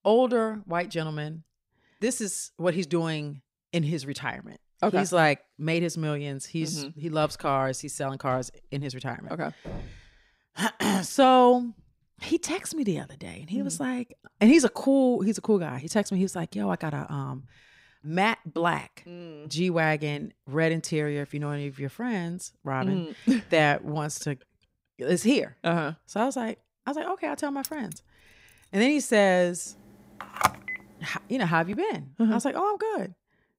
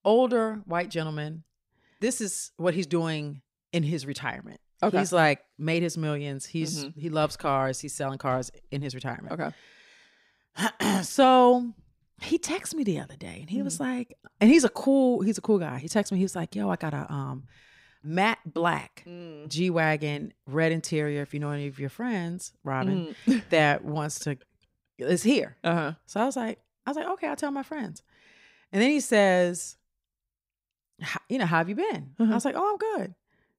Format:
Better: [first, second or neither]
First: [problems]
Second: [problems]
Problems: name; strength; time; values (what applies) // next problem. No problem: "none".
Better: second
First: door banging; faint; at 9.5 s; peak 15 dB below the speech // jangling keys; faint; at 28 s; peak 10 dB below the speech // phone ringing; loud; from 30 to 32 s; peak level with the speech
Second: none